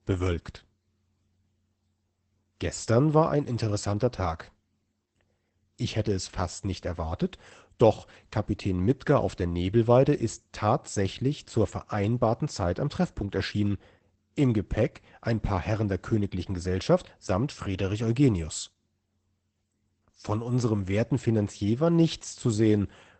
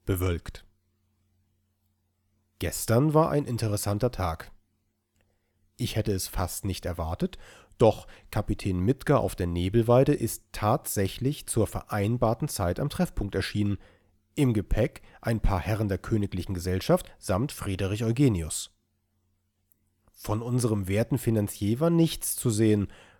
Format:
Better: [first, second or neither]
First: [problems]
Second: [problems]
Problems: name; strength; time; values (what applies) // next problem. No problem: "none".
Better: second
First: garbled, watery; badly; nothing above 8 kHz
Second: none